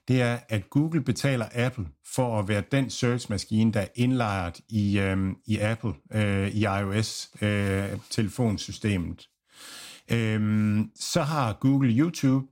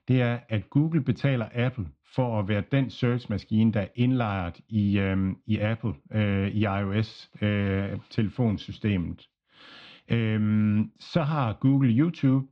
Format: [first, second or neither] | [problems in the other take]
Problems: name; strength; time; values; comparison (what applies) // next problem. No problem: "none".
first | muffled; slightly; fading above 3.5 kHz